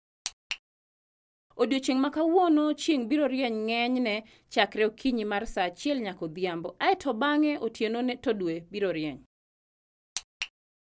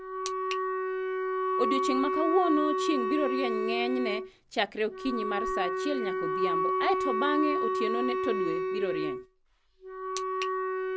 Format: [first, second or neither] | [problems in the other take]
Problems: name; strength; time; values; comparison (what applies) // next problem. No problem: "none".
first | background sound (Wind instrument, woodwind instrument); 2 dB above the speech